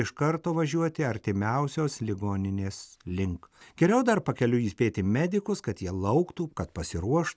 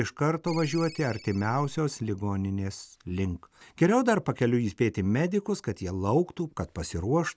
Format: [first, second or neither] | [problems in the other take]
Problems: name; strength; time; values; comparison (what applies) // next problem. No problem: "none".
first | background sound (Ringtone); 16 dB below the speech